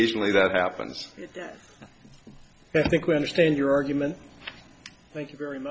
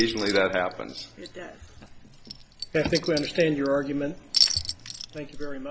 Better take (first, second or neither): first